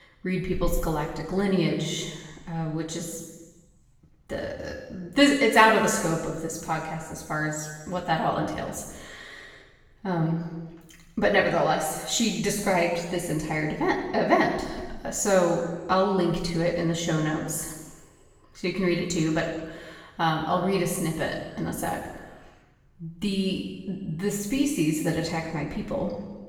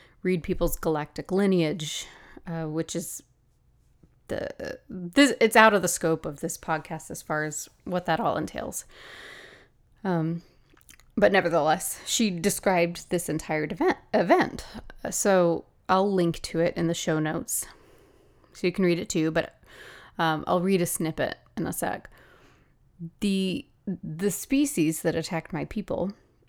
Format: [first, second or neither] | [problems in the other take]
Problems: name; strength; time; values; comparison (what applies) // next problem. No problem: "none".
second | room echo; noticeable; dies away in 1.1 s // off-mic speech; far